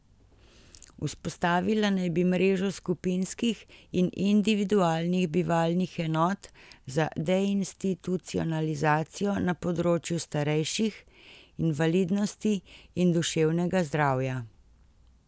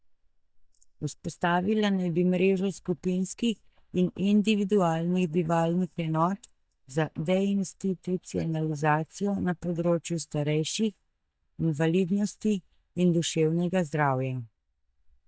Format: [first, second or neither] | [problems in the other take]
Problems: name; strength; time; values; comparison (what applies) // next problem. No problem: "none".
first | noise reduction (neural mask model DeepFilterNet 3)